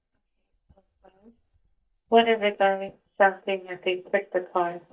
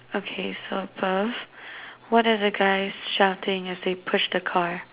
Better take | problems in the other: second | noise reduction (neural mask model DeepFilterNet 3)

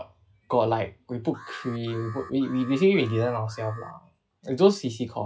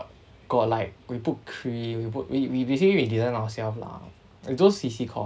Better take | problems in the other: second | noise reduction (classical method log-MMSE)

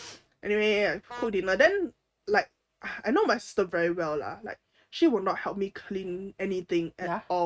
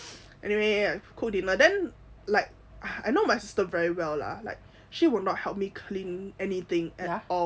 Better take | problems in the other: second | noise reduction (neural mask model RNNoise)

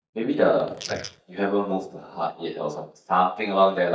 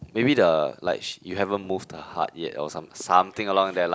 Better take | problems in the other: second | noise reduction (neural mask model DeepFilterNet 3)

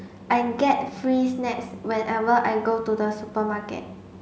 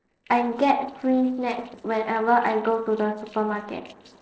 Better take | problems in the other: first | noise reduction (neural separator model SepFormer DNS4)

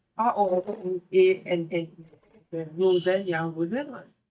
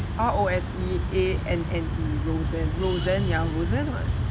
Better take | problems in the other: second | noise reduction (neural mask model DeepFilterNet 3)

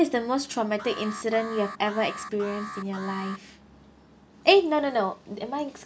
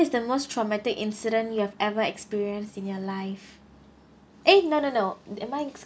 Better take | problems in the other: second | background sound (Alarm); 13 dB below the speech

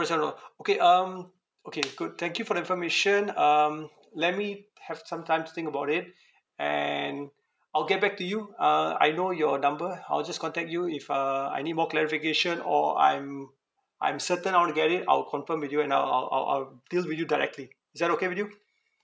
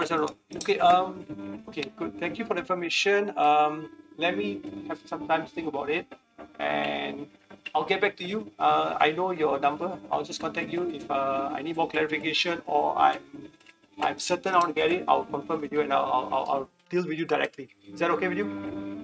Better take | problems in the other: first | noise reduction (neural mask model RNNoise)

